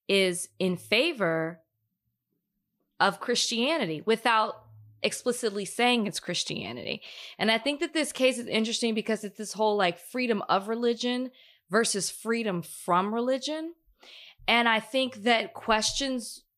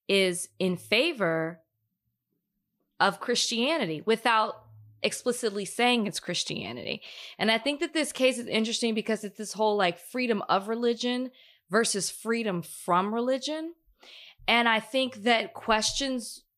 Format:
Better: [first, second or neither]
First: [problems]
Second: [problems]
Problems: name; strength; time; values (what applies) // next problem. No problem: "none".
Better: neither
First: none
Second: none